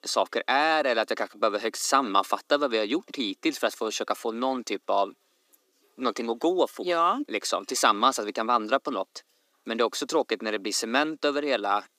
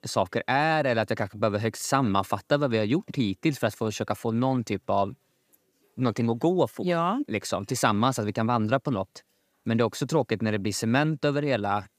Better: second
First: thin; somewhat; fading below 300 Hz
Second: none

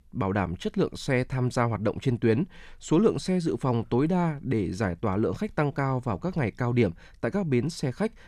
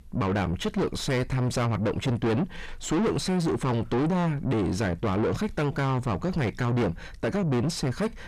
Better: first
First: none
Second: distortion; heavy; 6 dB below the speech

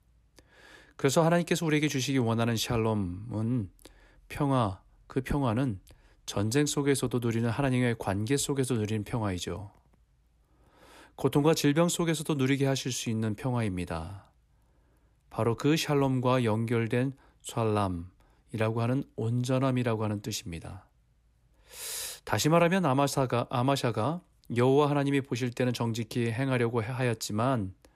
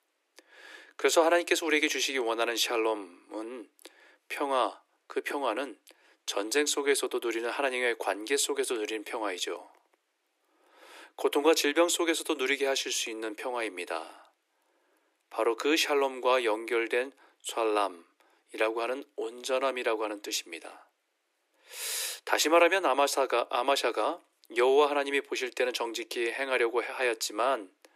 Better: first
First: none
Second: thin; very; fading below 350 Hz

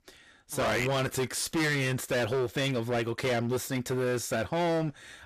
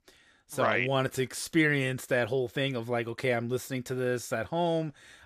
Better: second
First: distortion; heavy; 22% of the sound clipped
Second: none

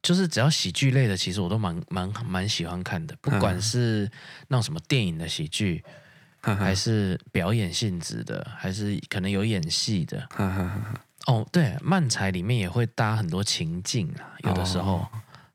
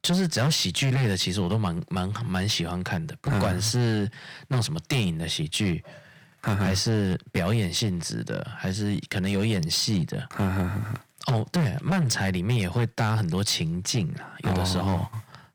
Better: first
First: none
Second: distortion; slight; 11% of the sound clipped

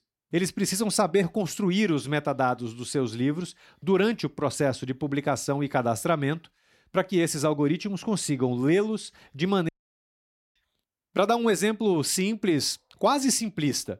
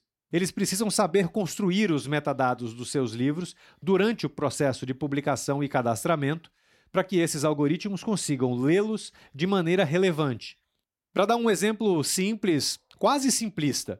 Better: second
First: audio cutting out; at 9.5 s for 1 s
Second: none

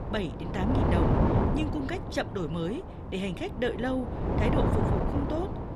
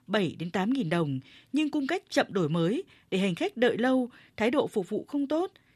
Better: second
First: wind noise on the microphone; heavy; 1 dB above the speech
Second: none

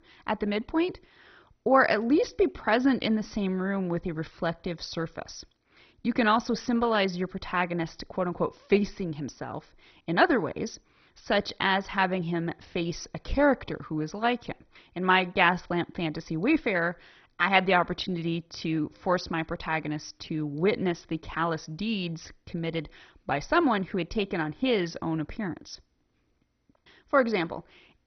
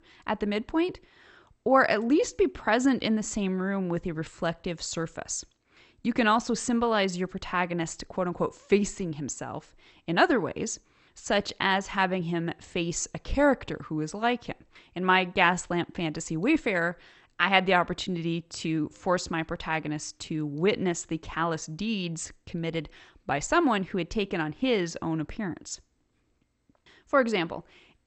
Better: second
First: garbled, watery; badly; nothing above 6 kHz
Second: garbled, watery; slightly; nothing above 8 kHz

